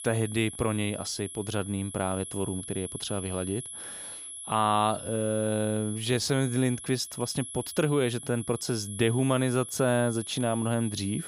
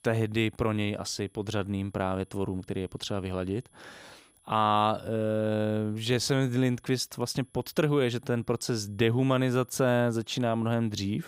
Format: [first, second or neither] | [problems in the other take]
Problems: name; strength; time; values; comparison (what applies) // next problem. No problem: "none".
second | high-pitched whine; loud; throughout; 11 kHz, 9 dB below the speech; faint in the second